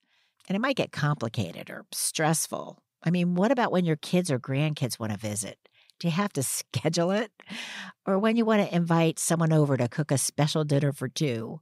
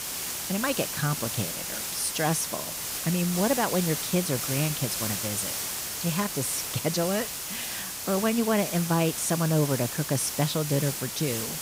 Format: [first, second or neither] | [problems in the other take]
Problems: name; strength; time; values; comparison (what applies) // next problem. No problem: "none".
first | hiss; loud; throughout; 2 dB below the speech